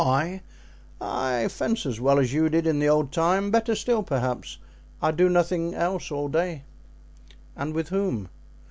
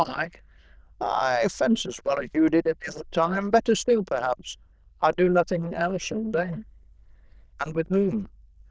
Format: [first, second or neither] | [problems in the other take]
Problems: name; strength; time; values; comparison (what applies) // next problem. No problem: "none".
first | noise reduction (neural diffusion model UNIVERSE++)